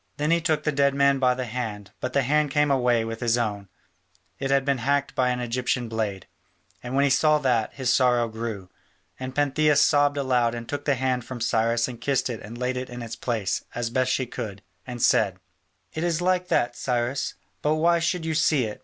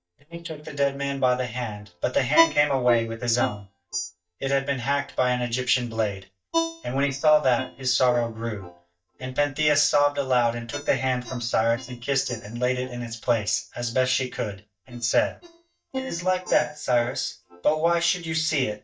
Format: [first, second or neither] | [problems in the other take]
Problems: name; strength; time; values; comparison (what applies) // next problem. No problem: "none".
first | noise reduction (neural mask model DeepFilterNet 3)